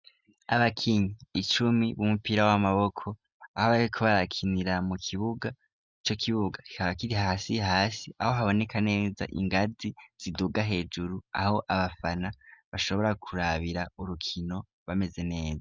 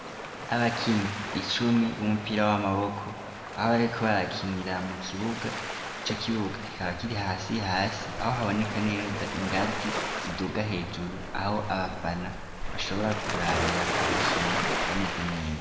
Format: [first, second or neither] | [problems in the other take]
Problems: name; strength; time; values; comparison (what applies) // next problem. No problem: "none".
first | background sound (Waves, surf); 4 dB below the speech // room echo; dies away in 1.4 s